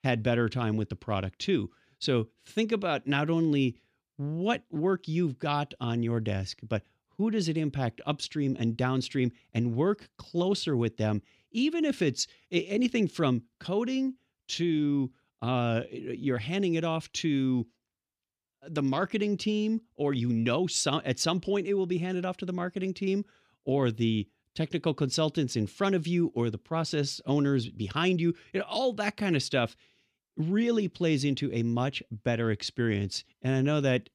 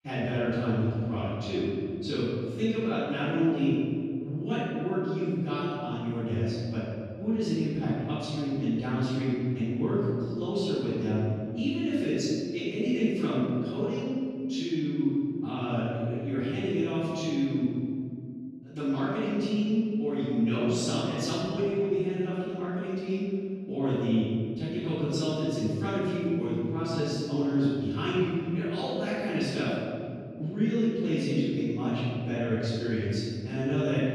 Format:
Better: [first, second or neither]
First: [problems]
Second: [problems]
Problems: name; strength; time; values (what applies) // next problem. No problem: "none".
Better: first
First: none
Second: off-mic speech; far // room echo; strong; dies away in 2.3 s